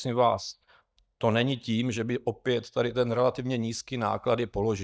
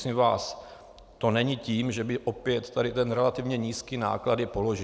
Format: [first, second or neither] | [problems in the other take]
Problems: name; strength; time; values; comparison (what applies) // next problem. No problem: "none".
second | noise reduction (neural mask model DeepFilterNet 3)